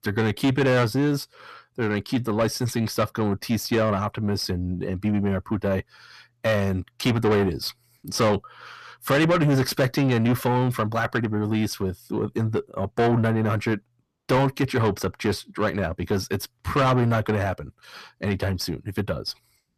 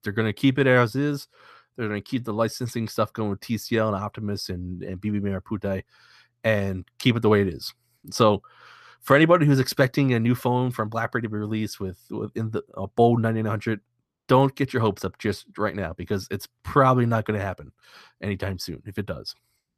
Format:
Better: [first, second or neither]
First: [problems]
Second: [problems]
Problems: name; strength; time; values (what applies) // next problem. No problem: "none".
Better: second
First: distortion; heavy; 7 dB below the speech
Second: none